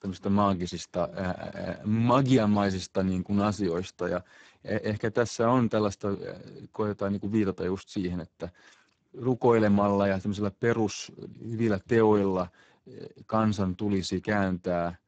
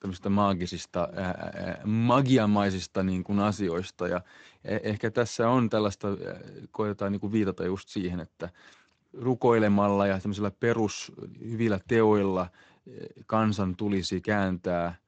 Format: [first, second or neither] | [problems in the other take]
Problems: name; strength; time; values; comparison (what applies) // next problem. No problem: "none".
second | garbled, watery; badly; nothing above 7.5 kHz; slightly in the second